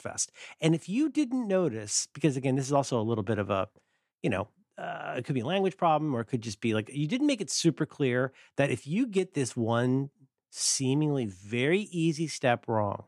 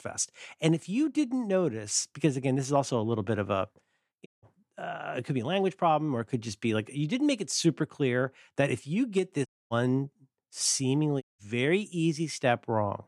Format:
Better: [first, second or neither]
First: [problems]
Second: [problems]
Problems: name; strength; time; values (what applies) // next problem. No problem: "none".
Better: first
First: none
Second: audio cutting out; at 4.5 s, at 9.5 s and at 11 s